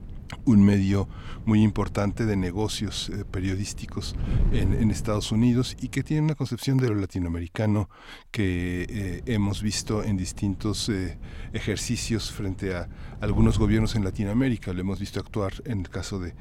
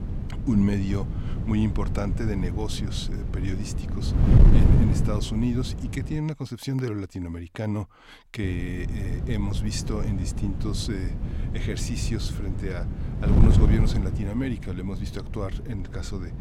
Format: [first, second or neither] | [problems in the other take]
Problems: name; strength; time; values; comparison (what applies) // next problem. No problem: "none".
first | wind noise on the microphone; heavy; until 6 s and from 8.5 s on; 3 dB below the speech; occasional gusts in the first